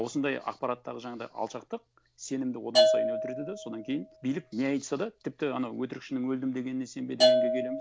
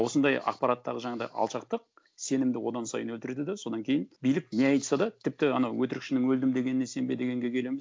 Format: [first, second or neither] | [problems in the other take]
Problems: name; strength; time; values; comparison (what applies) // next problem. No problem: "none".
second | background sound (Bell / Percussion); 2 dB above the speech